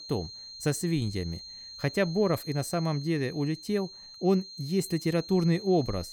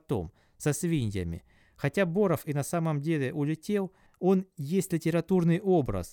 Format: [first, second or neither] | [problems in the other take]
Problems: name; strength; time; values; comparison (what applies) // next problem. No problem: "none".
second | high-pitched whine; noticeable; throughout; 4 kHz, 15 dB below the speech